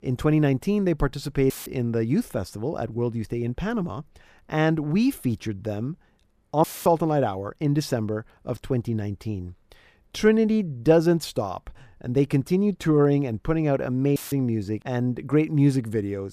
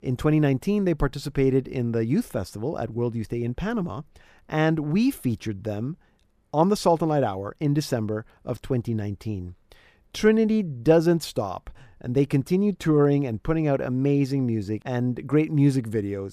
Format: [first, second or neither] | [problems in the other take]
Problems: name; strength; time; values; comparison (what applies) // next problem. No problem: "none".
second | audio cutting out; filled with static; at 1.5 s, at 6.5 s and at 14 s